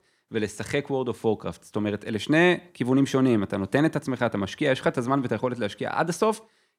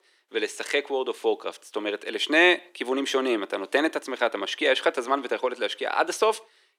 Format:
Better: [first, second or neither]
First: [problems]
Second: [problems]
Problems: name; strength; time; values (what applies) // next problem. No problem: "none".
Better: first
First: none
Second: thin; somewhat; fading below 350 Hz